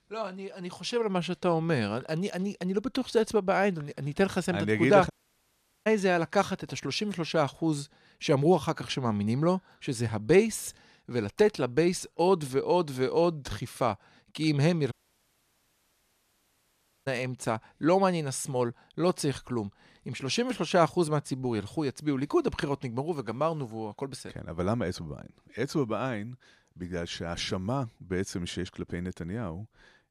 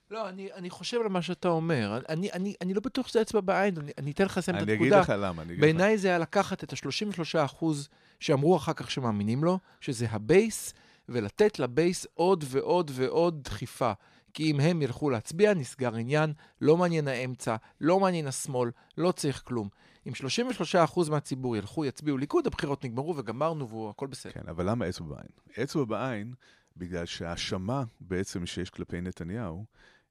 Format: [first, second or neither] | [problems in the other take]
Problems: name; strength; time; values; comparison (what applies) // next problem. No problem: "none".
second | audio cutting out; at 5 s for 1 s and at 15 s for 2 s